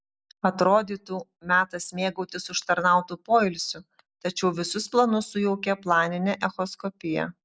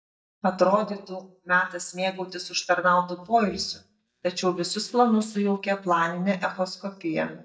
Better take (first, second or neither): first